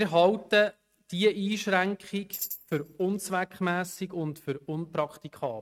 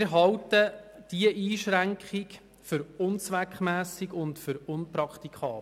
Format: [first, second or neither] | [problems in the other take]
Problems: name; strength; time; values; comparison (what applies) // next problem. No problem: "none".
second | noise reduction (neural mask model RNNoise)